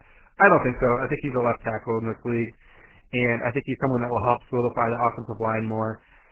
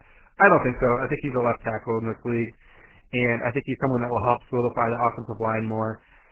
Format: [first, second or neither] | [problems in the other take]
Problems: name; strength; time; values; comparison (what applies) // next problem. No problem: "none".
neither | garbled, watery; badly; nothing above 2.5 kHz; the same in both